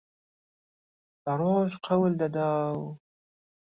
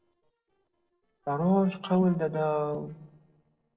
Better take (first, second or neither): first